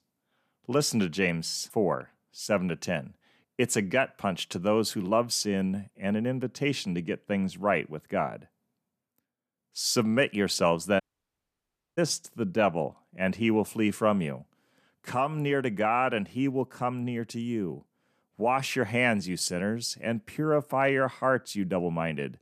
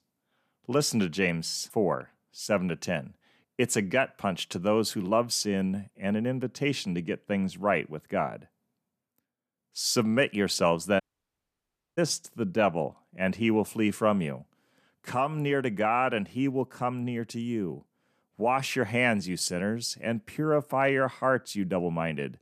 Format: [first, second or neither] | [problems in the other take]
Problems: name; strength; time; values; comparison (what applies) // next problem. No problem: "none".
neither | audio cutting out; at 11 s for 1 s; the same in both